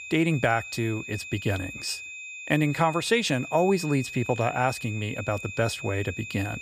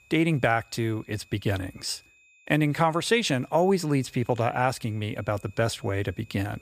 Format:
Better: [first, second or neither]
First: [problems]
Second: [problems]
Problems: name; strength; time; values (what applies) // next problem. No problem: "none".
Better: second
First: high-pitched whine; loud; throughout; 2.5 kHz, 10 dB below the speech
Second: high-pitched whine; faint; throughout; 2.5 kHz, 30 dB below the speech